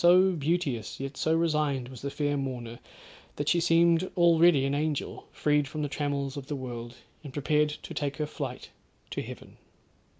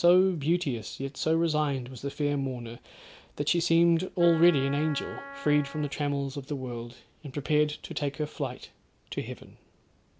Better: first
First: none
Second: background sound (Wind instrument, woodwind instrument); 14 dB below the speech

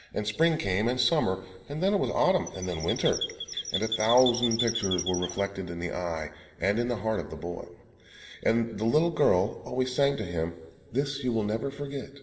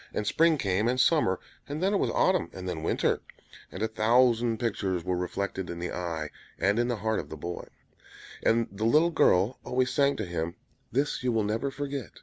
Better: second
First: background sound (Chirp, tweet); 6 dB below the speech // room echo; dies away in 2.6 s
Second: none

